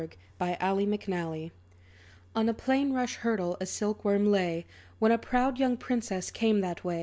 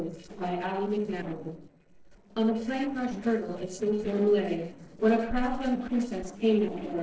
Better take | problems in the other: first | noise reduction (neural separator model SepFormer DNS4)

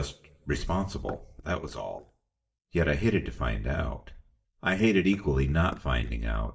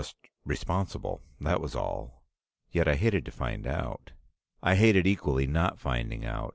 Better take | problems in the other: second | noise reduction (neural mask model DeepFilterNet 3)

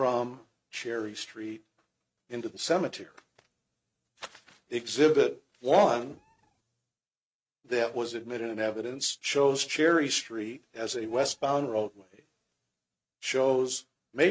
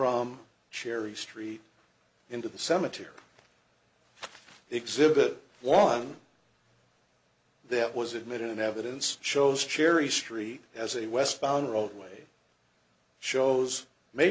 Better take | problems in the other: second | noise reduction (neural mask model RNNoise)

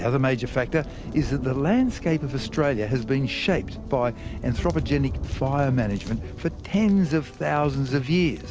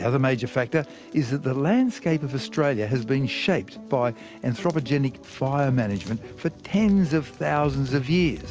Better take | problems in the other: second | background sound (Thunder); 11 dB below the speech

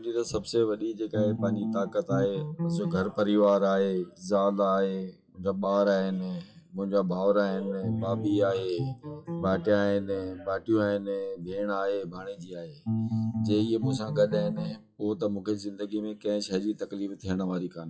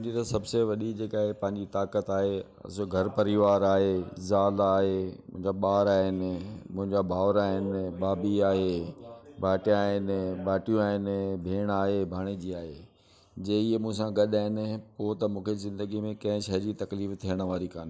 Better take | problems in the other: second | noise reduction (classical method WPE with log-MMSE)

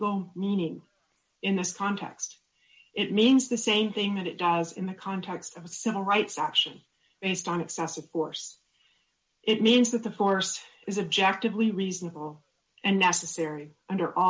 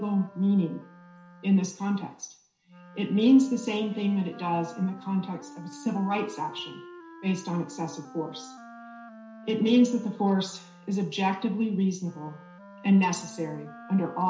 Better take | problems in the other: first | background sound (Wind instrument, woodwind instrument); 19 dB below the speech // room echo; dies away in 0.5 s

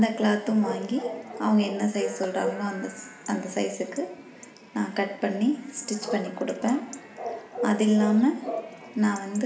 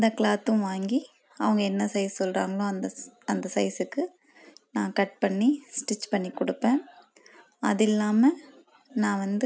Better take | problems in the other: second | background sound (Bark / Chatter / Chirp, tweet / Livestock, farm animals, working animals); 11 dB below the speech // room echo; dies away in 0.7 s

